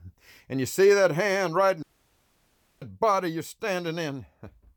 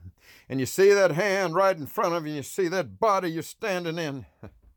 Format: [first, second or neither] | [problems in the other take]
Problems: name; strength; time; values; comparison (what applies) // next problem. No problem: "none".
second | audio cutting out; at 2 s for 1 s